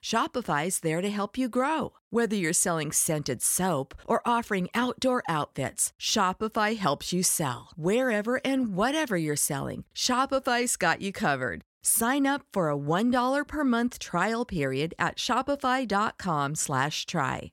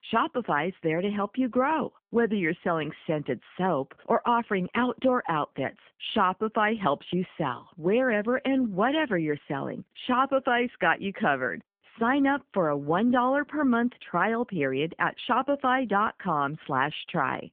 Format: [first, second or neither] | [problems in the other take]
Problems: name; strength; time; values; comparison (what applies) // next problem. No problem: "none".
first | phone-call audio